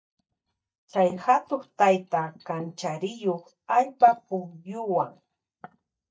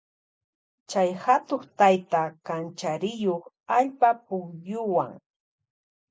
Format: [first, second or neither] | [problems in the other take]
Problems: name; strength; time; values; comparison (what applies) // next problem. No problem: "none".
second | noise reduction (neural mask model DeepFilterNet 3)